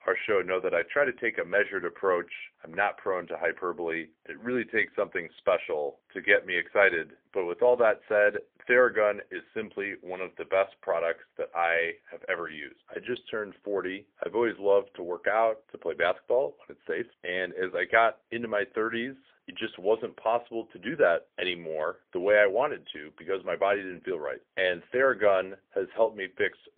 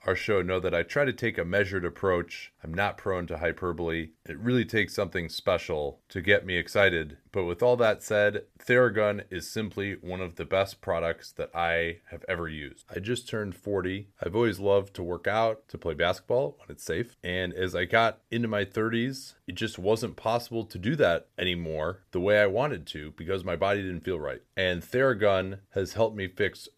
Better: second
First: phone-call audio; poor line; nothing above 3.5 kHz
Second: none

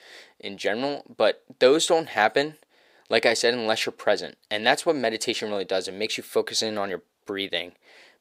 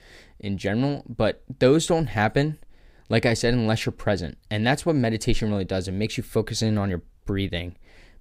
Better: second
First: thin; somewhat; fading below 500 Hz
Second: none

